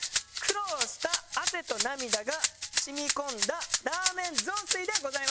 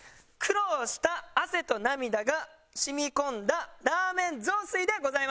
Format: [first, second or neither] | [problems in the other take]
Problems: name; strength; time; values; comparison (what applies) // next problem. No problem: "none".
second | background sound (Rattle (instrument)); 2 dB above the speech